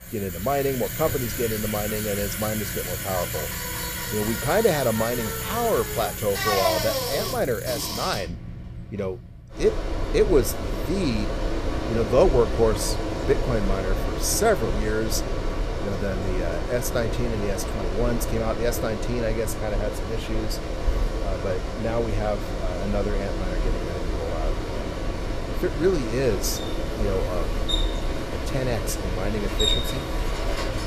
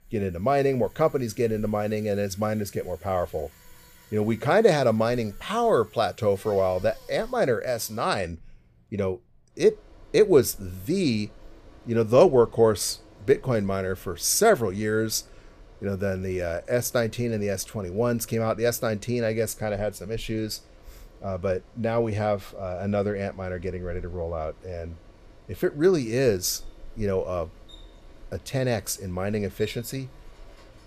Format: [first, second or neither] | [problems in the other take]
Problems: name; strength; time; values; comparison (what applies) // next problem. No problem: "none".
second | traffic noise; loud; throughout; 2 dB below the speech; faint in the second